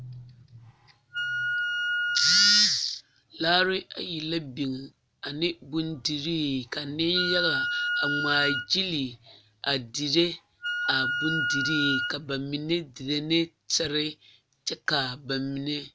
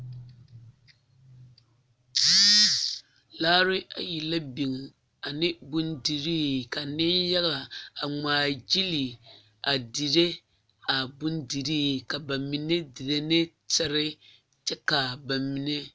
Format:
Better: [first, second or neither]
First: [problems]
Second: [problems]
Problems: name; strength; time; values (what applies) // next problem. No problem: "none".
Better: second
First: background sound (Wind instrument, woodwind instrument); 1 dB below the speech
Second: none